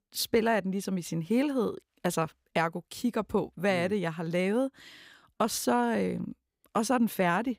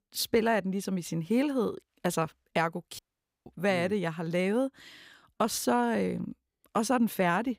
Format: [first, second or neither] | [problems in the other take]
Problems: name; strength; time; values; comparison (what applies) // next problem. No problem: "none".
first | audio cutting out; at 3 s